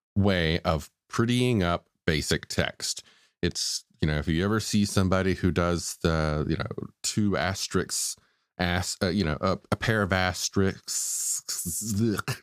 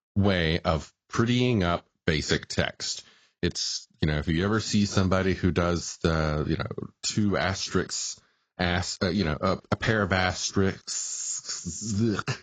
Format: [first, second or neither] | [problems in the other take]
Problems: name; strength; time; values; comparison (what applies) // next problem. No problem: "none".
first | garbled, watery; badly; nothing above 7.5 kHz